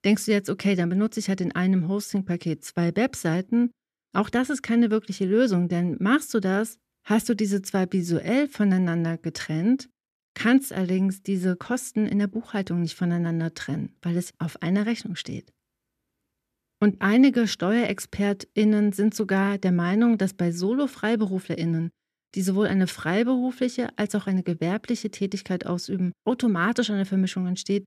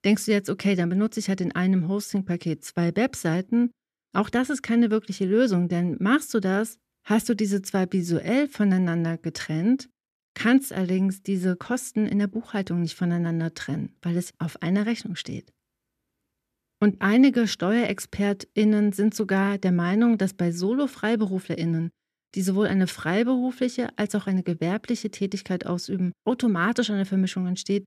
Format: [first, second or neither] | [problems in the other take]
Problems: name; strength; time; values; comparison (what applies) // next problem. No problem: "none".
neither | none